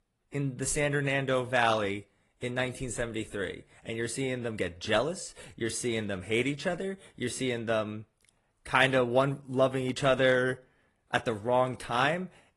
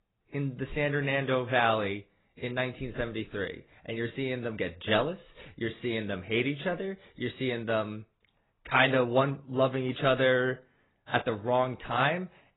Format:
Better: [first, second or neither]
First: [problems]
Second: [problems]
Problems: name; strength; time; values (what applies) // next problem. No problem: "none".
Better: first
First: garbled, watery; slightly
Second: garbled, watery; badly; nothing above 4 kHz